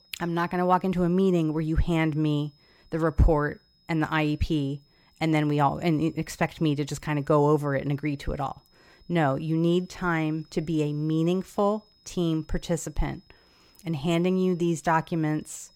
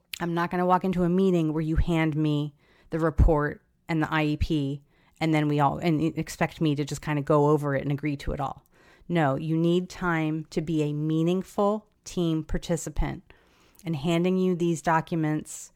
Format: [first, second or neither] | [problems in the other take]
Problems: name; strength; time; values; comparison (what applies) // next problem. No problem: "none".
second | high-pitched whine; faint; throughout; 5 kHz, 35 dB below the speech